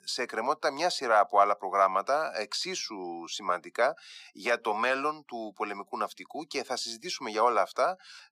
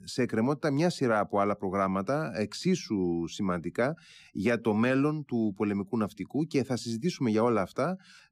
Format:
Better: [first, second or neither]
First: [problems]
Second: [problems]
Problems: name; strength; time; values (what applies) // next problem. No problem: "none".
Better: second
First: thin; very; fading below 750 Hz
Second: none